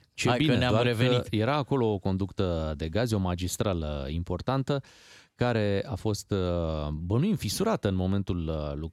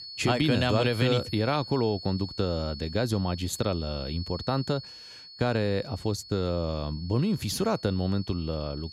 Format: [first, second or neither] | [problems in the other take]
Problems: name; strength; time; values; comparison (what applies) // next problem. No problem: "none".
first | high-pitched whine; noticeable; throughout; 4.5 kHz, 15 dB below the speech